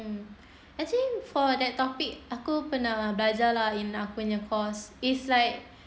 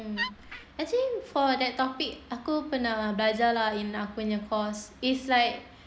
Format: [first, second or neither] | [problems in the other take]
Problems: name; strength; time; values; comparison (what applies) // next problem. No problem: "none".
first | background sound (Wood); 7 dB below the speech